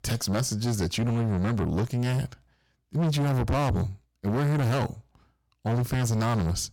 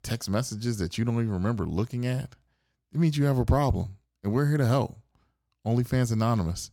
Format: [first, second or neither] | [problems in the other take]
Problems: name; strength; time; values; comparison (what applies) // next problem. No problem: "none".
second | distortion; heavy; 6 dB below the speech